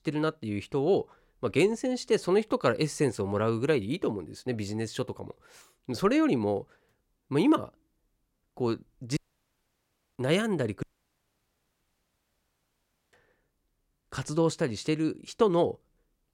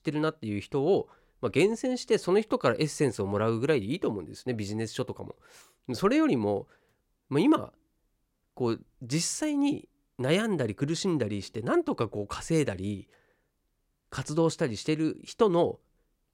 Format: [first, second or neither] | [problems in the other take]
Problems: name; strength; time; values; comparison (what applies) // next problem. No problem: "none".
second | audio cutting out; at 9 s for 1 s and at 11 s for 2.5 s